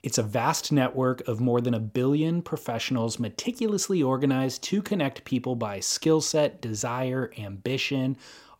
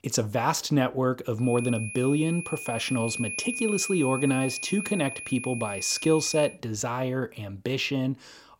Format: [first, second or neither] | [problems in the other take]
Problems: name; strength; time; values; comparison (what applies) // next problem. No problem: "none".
first | high-pitched whine; loud; from 1.5 to 6.5 s; 2.5 kHz, 7 dB below the speech